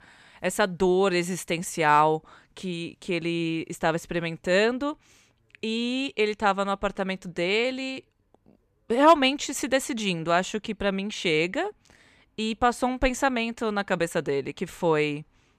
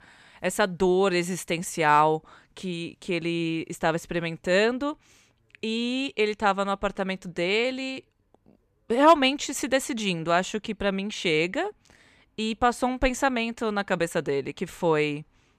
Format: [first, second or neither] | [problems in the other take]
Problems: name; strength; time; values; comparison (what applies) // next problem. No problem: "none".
neither | none